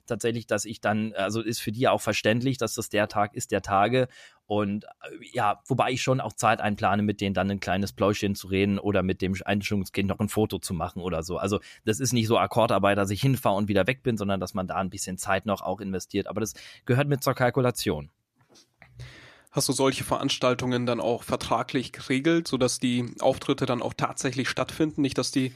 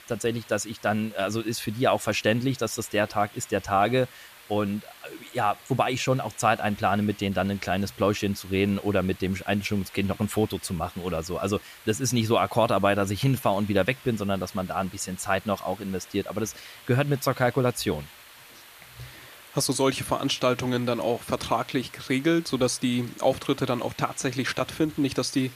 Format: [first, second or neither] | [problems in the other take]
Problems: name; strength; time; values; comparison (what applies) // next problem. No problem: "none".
first | hiss; faint; throughout; 20 dB below the speech